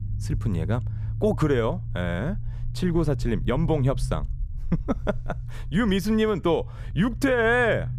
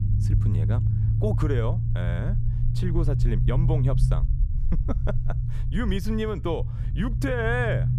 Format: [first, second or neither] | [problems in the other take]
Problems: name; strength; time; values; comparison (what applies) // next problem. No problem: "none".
first | low rumble; loud; throughout; 7 dB below the speech; faint in the first